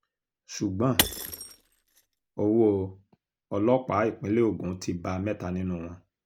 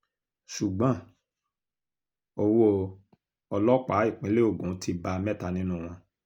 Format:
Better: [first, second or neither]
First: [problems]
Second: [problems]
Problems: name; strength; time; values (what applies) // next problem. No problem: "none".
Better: second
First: background sound (Shatter / Crushing); 4 dB below the speech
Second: none